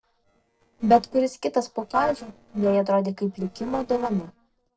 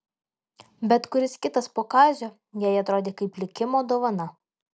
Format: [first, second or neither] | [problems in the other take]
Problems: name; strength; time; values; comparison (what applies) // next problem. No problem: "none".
second | noise reduction (neural separator model SepFormer DNS4)